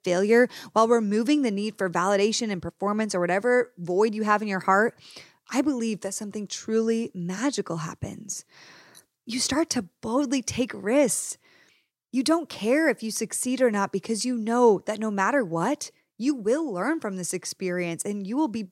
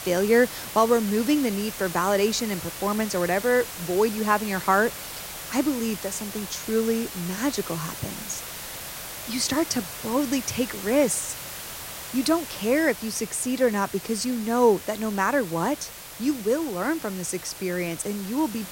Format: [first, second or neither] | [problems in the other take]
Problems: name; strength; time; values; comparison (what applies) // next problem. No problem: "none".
first | hiss; loud; throughout; 10 dB below the speech